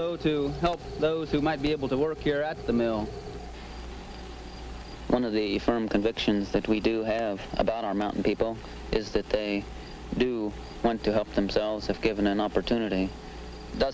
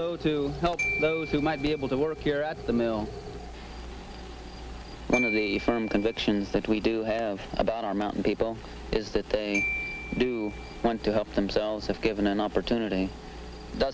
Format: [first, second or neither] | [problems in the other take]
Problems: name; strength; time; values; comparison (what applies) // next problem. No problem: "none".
first | background sound (Glockenspiel); 10 dB below the speech